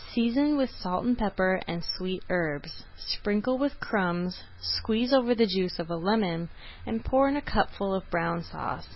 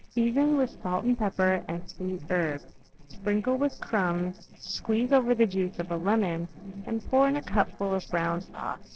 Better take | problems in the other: first | noise reduction (neural separator model SepFormer DNS4)

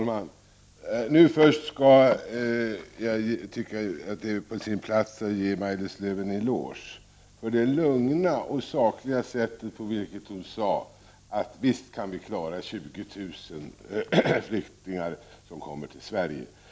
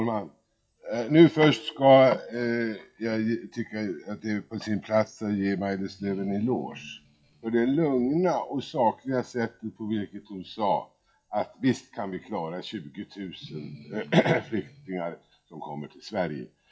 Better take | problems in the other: first | noise reduction (classical method WPE with log-MMSE)

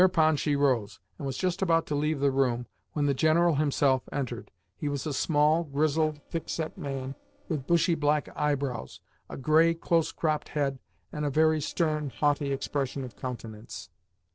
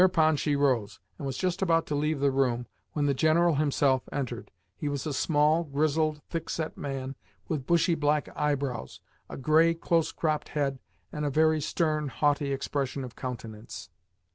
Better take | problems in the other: second | noise reduction (neural separator model SepFormer DNS4)

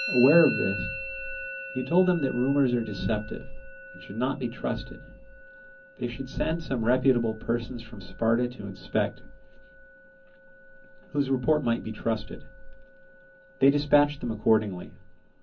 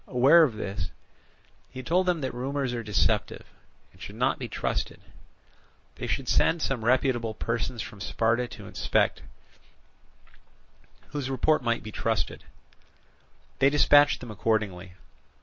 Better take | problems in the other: second | background sound (Musical instrument); 14 dB below the speech // room echo; dies away in 0.4 s

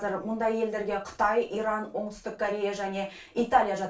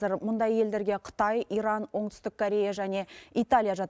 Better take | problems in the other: second | room echo; dies away in 0.2 s

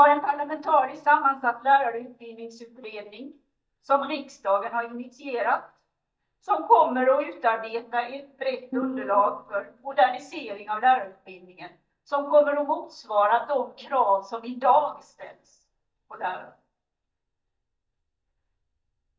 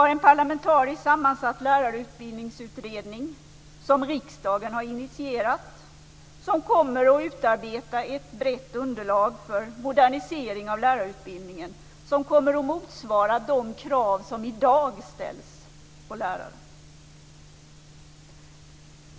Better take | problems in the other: second | noise reduction (neural mask model DeepFilterNet 3)

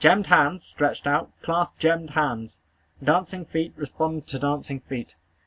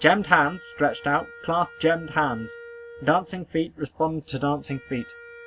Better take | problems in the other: first | background sound (Wind instrument, woodwind instrument); 19 dB below the speech

